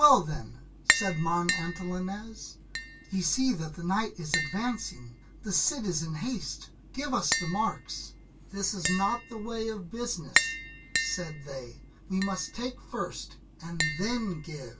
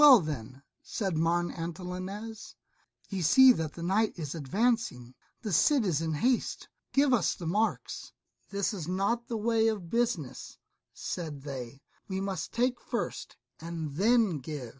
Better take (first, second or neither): second